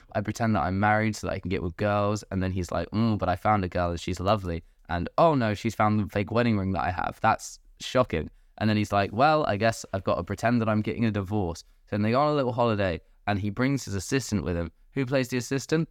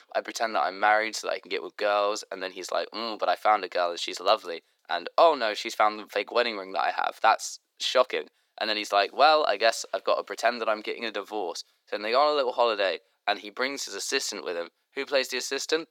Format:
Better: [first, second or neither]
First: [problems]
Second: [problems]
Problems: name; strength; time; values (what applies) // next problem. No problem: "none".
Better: first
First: none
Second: thin; very; fading below 400 Hz